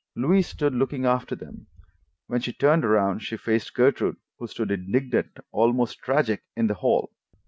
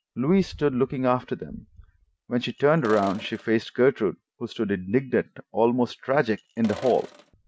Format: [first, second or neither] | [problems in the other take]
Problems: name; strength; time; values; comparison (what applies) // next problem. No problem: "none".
first | background sound (Sink (filling or washing)); 16 dB below the speech